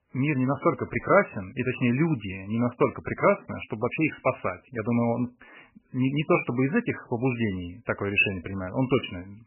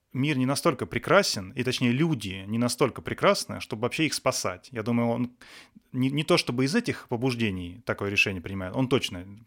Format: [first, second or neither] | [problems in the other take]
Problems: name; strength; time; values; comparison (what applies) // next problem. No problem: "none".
second | garbled, watery; badly; nothing above 3 kHz